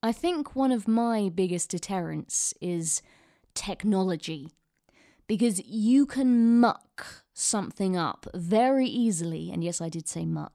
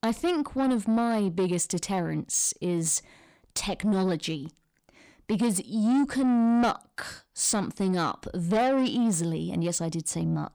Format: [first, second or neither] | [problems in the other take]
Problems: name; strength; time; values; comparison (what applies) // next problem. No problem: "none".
first | distortion; slight; 10 dB below the speech